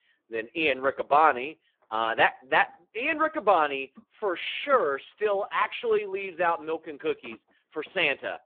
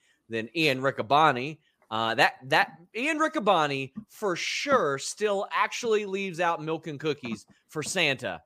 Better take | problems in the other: second | phone-call audio; poor line

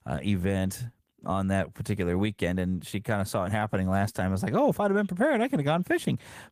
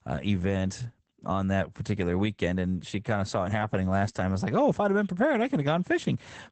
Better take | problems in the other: first | garbled, watery; badly; nothing above 8 kHz; slightly in the first

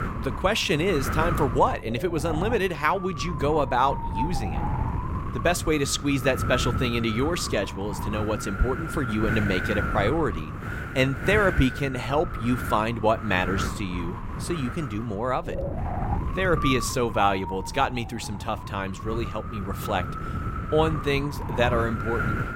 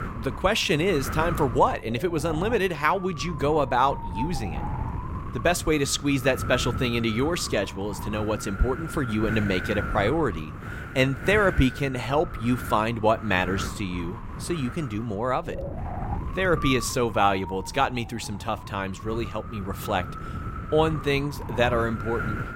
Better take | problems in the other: second | wind noise on the microphone; heavy; 7 dB below the speech; occasional gusts in the second

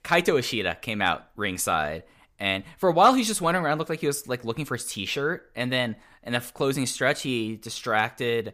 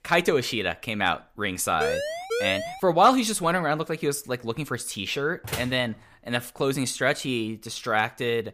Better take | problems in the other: first | siren; noticeable; at 2 s; peak 3 dB below the speech // door banging; noticeable; at 5.5 s; peak 8 dB below the speech

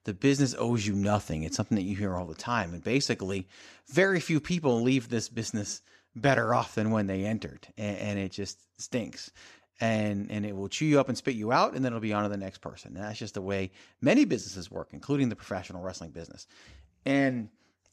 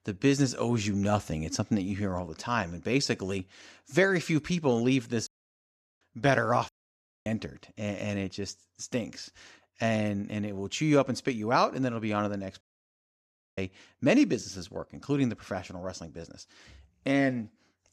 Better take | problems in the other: first | audio cutting out; at 5.5 s for 0.5 s, at 6.5 s for 0.5 s and at 13 s for 1 s

